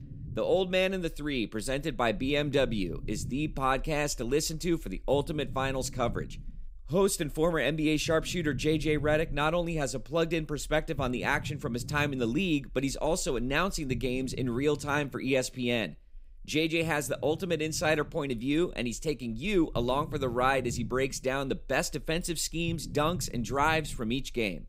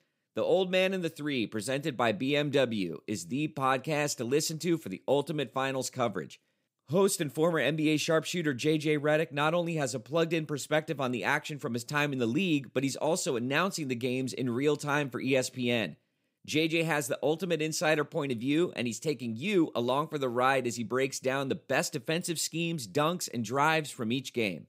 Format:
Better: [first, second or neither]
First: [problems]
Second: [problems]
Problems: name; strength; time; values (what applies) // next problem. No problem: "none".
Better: second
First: low rumble; faint; throughout; 25 dB below the speech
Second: none